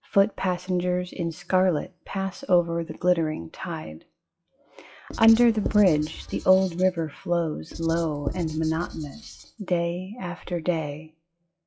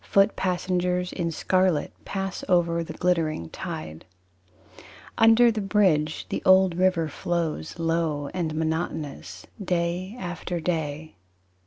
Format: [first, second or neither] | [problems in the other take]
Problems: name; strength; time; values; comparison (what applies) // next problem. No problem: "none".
second | noise reduction (classical method WPE with log-MMSE)